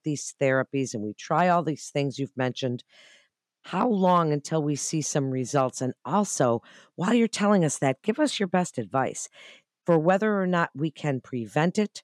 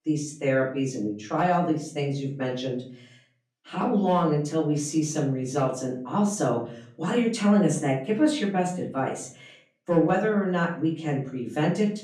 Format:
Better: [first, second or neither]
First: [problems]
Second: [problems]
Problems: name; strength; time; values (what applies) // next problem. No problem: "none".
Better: first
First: none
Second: off-mic speech; far // room echo; slight; dies away in 0.4 s